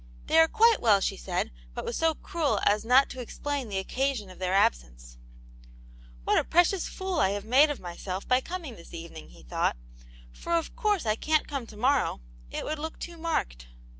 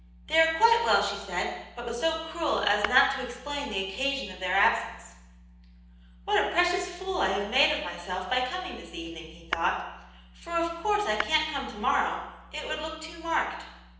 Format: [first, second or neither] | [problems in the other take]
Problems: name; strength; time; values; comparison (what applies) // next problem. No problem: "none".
first | background sound (Tap / Glass); 8 dB below the speech // room echo; dies away in 0.9 s